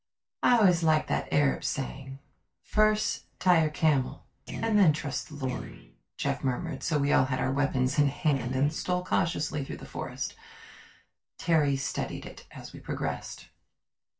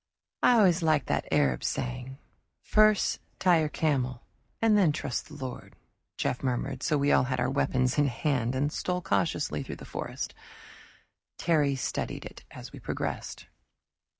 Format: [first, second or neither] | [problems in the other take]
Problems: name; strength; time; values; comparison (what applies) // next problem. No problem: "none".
second | noise reduction (neural separator model SepFormer DNS4)